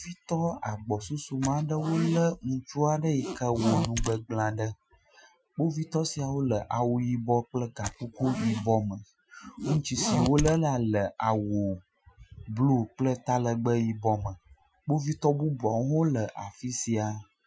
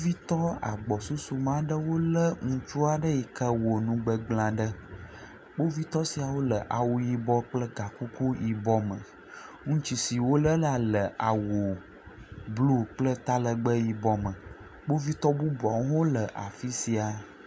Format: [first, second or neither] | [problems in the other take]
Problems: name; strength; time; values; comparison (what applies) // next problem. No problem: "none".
second | noise reduction (classical method Wiener filter)